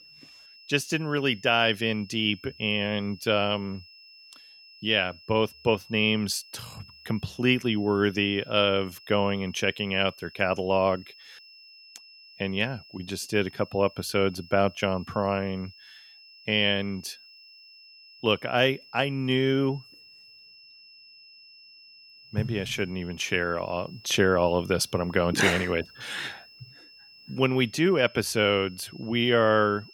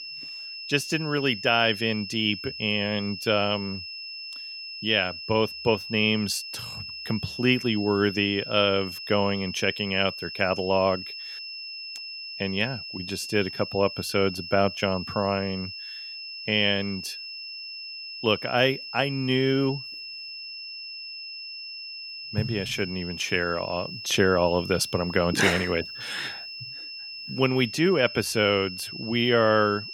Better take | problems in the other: first | high-pitched whine; loud; throughout; 5.5 kHz, 10 dB below the speech; faint in the first

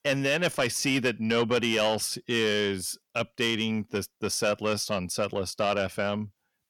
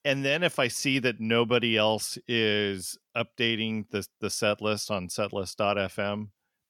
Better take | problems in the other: second | distortion; slight; 10 dB below the speech

